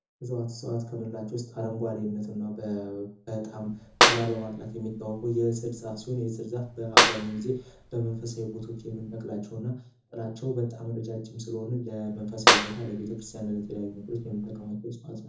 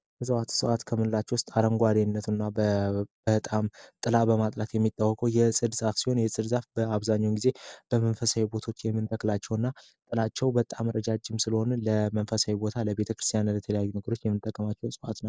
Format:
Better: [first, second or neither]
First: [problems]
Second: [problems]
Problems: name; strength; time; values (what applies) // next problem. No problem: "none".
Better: second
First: background sound (Clapping); 5 dB above the speech // room echo; dies away in 0.5 s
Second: none